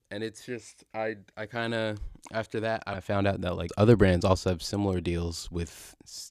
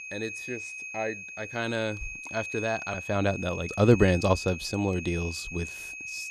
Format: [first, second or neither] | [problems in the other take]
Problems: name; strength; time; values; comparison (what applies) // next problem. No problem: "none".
first | high-pitched whine; loud; throughout; 2.5 kHz, 9 dB below the speech